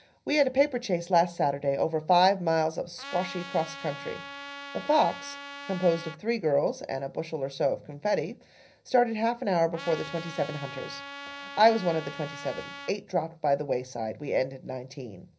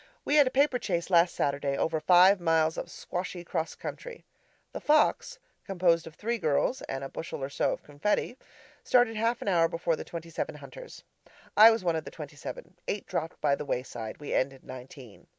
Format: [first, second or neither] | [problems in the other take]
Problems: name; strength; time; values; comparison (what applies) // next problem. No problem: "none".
second | background sound (Trumpet); 13 dB below the speech // room echo; dies away in 0.5 s